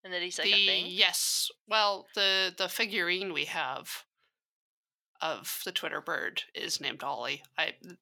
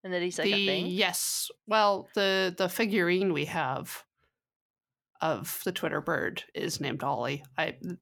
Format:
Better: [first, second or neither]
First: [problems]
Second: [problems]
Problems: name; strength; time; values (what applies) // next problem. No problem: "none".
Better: second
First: thin; somewhat; fading below 700 Hz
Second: none